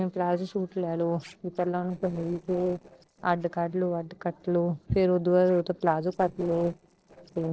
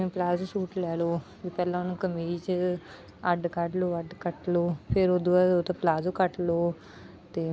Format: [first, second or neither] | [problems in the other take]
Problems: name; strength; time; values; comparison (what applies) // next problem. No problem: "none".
second | noise reduction (neural separator model SepFormer DNS4)